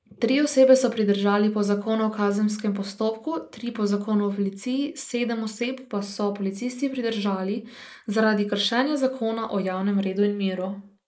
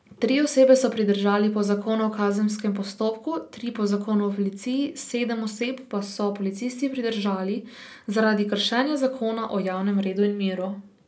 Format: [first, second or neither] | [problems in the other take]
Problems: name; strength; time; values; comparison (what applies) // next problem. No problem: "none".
second | noise reduction (neural mask model Resemble Enhance denoiser)